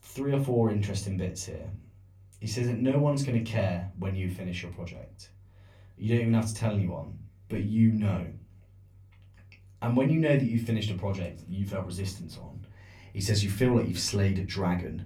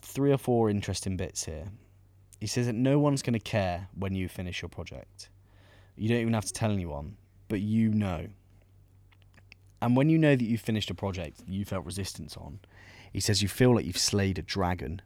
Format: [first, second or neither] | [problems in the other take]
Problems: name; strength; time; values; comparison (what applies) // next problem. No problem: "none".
second | off-mic speech; far // room echo; very slight; dies away in 0.3 s